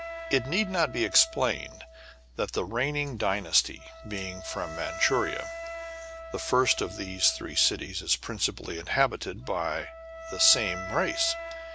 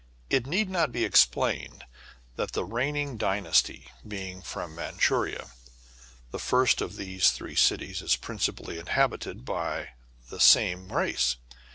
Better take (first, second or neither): second